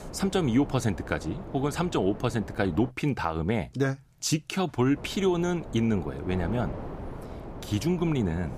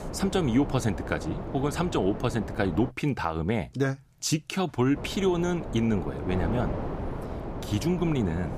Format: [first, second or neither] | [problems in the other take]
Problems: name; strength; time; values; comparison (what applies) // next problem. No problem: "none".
first | wind noise on the microphone; heavy; until 3 s and from 5 s on; 8 dB below the speech; occasional gusts in the first